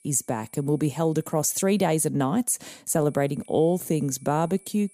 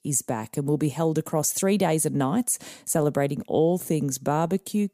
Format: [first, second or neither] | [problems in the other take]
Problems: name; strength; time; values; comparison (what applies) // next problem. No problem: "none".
second | high-pitched whine; faint; until 2 s and from 3 s on; 10 kHz, 30 dB below the speech